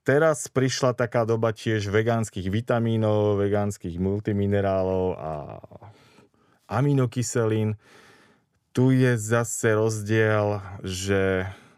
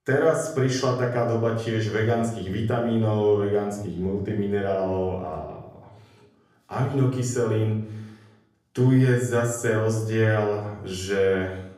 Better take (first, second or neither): first